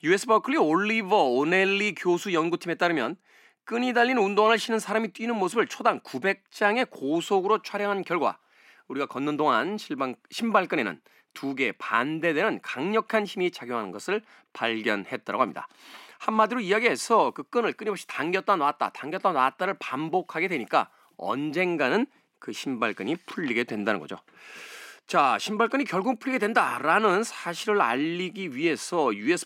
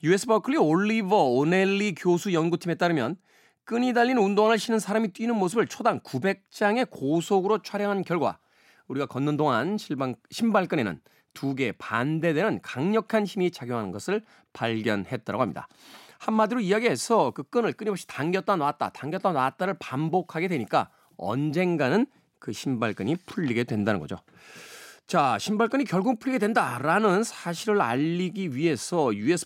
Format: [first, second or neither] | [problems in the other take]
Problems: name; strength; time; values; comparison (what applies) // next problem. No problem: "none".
second | thin; very slightly; fading below 300 Hz